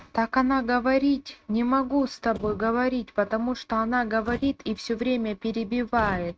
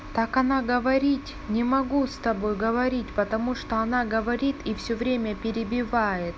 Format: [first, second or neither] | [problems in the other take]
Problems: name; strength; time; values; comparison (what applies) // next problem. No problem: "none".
second | noise reduction (neural mask model RNNoise)